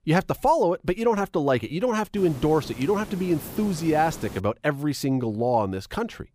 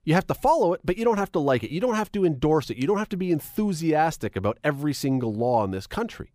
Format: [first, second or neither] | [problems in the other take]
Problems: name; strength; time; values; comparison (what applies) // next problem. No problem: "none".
second | hiss; noticeable; from 2 to 4.5 s; 15 dB below the speech